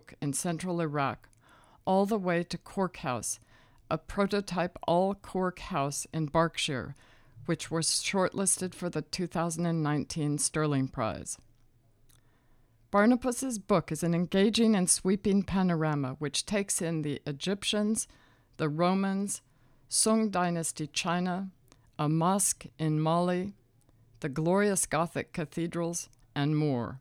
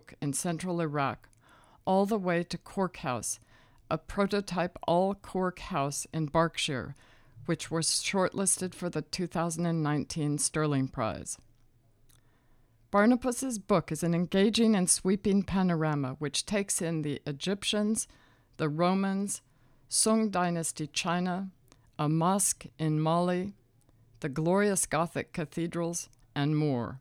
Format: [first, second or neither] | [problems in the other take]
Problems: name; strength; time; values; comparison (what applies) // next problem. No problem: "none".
neither | none